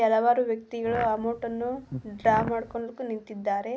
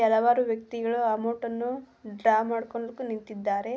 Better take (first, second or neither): second